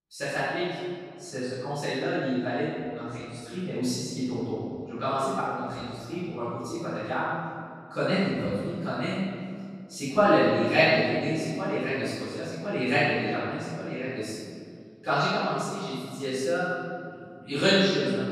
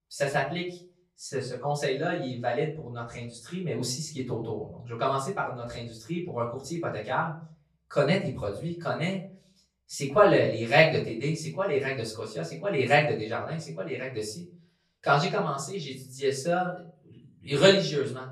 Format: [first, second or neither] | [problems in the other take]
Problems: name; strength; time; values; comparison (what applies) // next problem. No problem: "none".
second | room echo; strong; dies away in 2 s; slight in the second // off-mic speech; far; far in the second